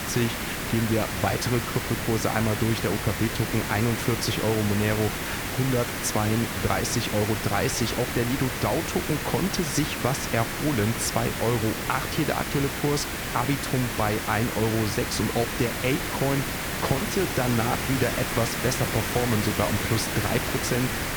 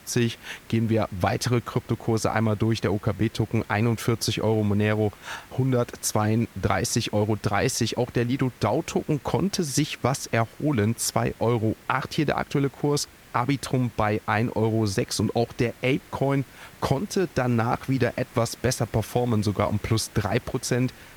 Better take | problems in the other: second | hiss; loud; throughout; 2 dB below the speech; faint in the second

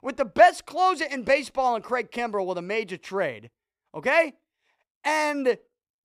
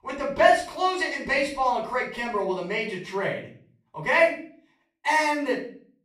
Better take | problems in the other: first | off-mic speech; far // room echo; slight; dies away in 0.5 s

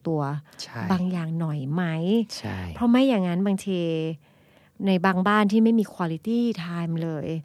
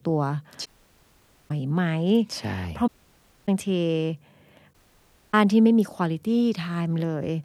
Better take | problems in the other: first | audio cutting out; at 0.5 s for 1 s, at 3 s for 0.5 s and at 4.5 s for 0.5 s

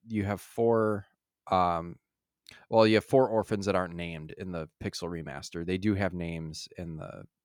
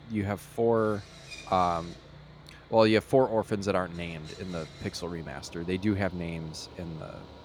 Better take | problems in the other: first | machinery noise; noticeable; throughout; 20 dB below the speech

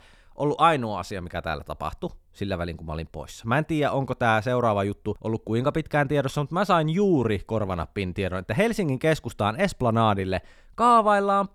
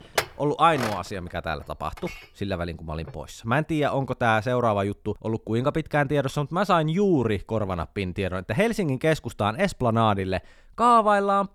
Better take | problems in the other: first | clattering dishes; noticeable; at the start; peak 4 dB below the speech

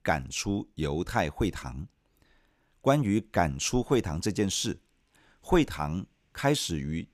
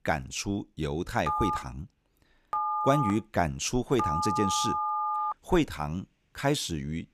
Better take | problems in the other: first | phone ringing; loud; from 1.5 to 5.5 s; peak 1 dB above the speech

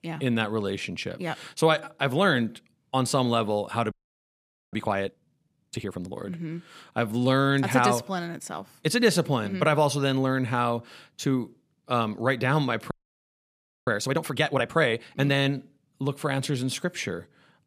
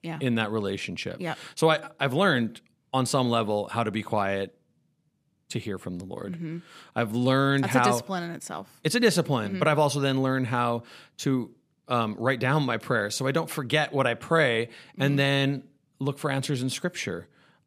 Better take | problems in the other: second | audio freezing; at 4 s for 1 s and at 13 s for 1 s

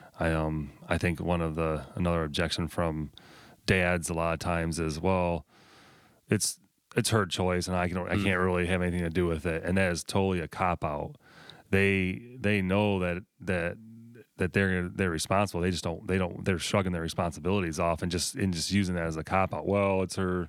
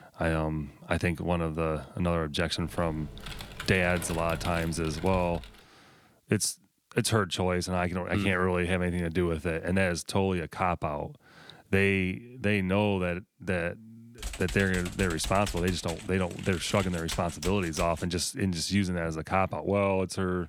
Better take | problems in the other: first | keyboard typing; noticeable; from 2.5 to 5.5 s and from 14 to 18 s; peak 8 dB below the speech

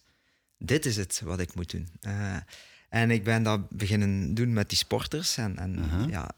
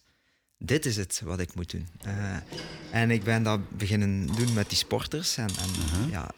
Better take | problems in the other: first | household noises; noticeable; from 1.5 s on; 10 dB below the speech

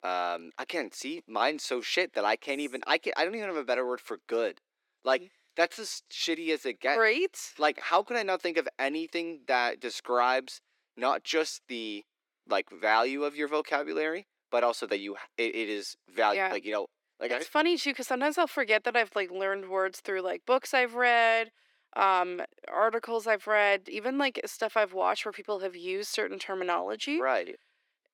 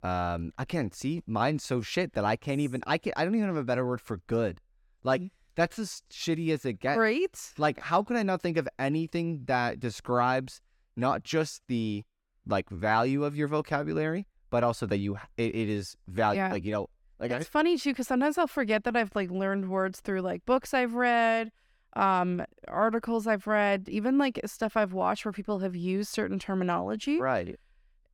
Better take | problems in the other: second | thin; somewhat; fading below 300 Hz

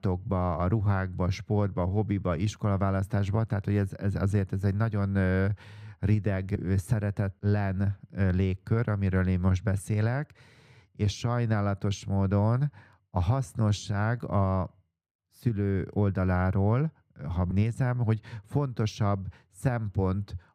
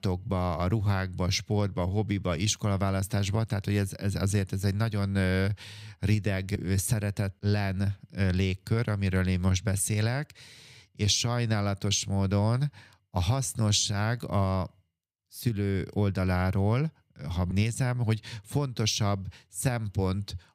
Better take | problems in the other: second | muffled; slightly; fading above 2 kHz

